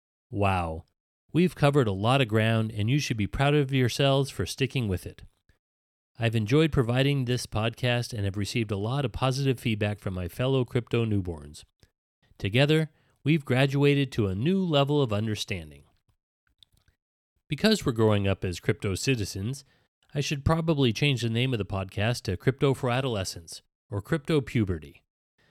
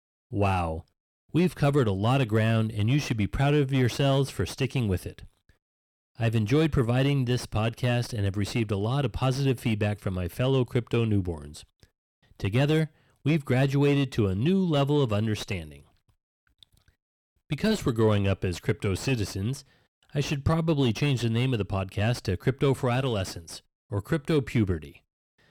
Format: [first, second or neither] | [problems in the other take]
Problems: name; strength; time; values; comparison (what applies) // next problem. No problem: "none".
first | distortion; slight; 10 dB below the speech